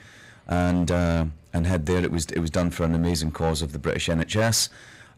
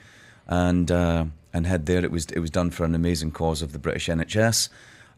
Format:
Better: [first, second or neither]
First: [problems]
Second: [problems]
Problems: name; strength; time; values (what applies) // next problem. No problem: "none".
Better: second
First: distortion; slight; 10% of the sound clipped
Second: none